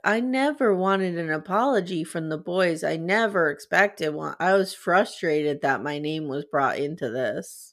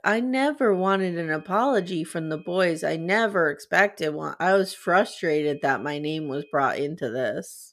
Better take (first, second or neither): first